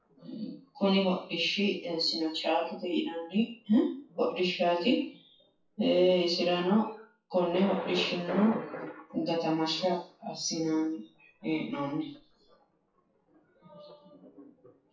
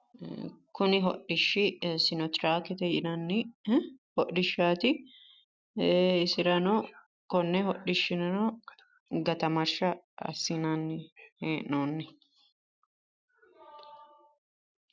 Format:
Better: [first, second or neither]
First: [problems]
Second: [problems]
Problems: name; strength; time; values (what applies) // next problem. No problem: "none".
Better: second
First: noise reduction (classical method WPE with log-MMSE)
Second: none